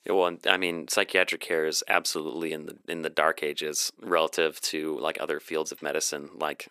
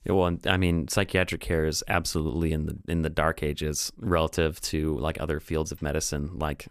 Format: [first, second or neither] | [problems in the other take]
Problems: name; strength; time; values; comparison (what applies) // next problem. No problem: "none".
second | thin; somewhat; fading below 350 Hz